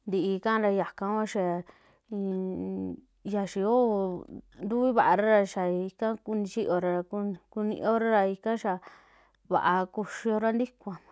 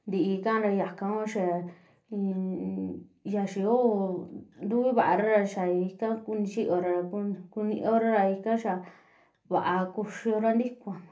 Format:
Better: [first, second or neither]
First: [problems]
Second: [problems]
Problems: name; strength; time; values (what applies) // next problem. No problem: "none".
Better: first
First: none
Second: room echo; dies away in 0.3 s